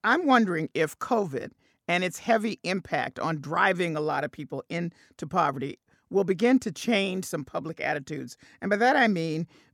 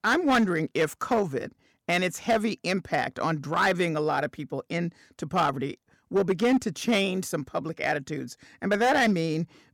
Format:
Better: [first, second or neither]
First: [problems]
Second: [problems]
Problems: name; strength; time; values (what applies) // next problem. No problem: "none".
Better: first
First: none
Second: distortion; slight; 5% of the sound clipped